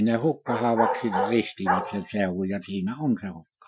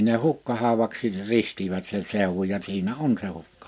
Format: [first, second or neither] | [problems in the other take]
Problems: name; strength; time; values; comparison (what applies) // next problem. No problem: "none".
second | noise reduction (classical method Wiener filter)